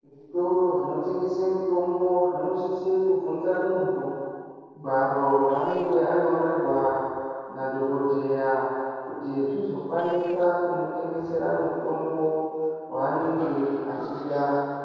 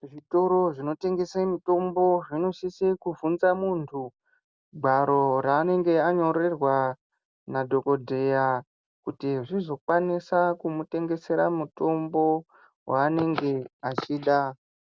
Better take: second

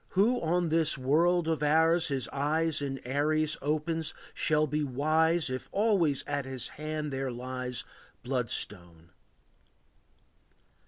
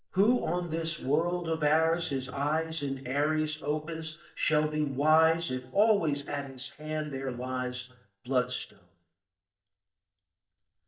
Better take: first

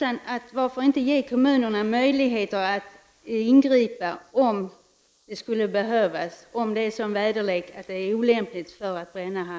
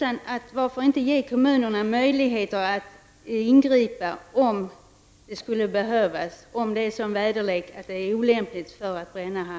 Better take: second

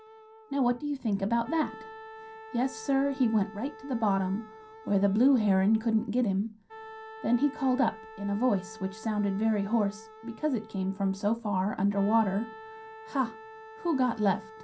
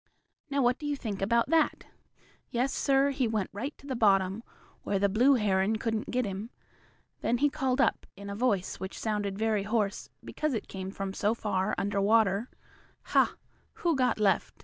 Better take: second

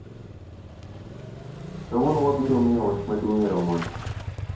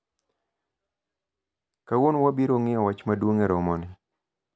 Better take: second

